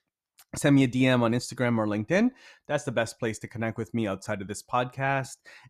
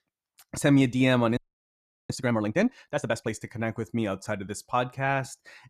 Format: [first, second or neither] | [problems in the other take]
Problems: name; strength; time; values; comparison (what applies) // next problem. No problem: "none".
first | audio freezing; at 1.5 s for 0.5 s